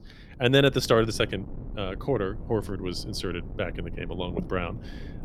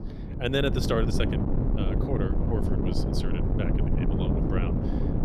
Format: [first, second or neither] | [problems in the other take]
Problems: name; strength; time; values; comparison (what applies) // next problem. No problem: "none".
first | wind noise on the microphone; heavy; 2 dB below the speech; occasional gusts in the first